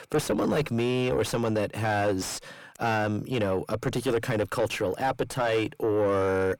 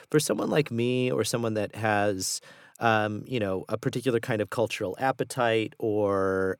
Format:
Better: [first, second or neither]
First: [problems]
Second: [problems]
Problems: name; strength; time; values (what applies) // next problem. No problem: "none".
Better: second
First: distortion; heavy; 6 dB below the speech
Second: none